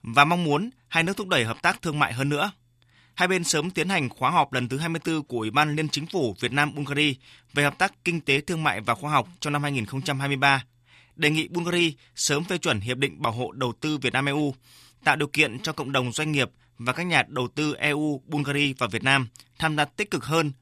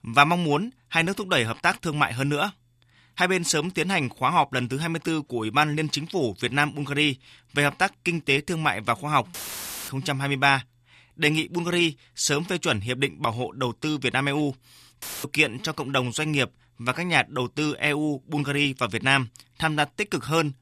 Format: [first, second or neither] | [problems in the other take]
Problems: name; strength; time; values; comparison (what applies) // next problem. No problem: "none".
first | audio cutting out; filled with static; at 9.5 s for 0.5 s and at 15 s